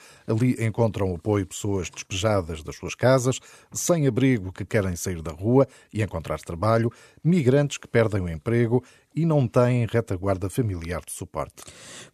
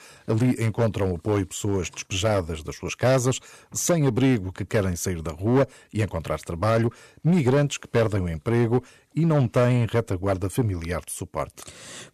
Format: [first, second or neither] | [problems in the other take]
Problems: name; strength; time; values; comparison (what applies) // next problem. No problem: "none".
first | distortion; slight; 5% of the sound clipped